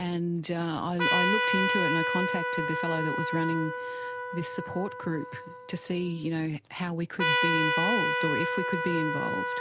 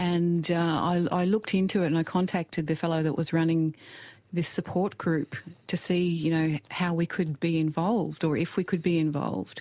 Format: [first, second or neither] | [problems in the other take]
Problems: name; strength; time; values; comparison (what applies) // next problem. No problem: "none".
second | background sound (Trumpet); 1 dB above the speech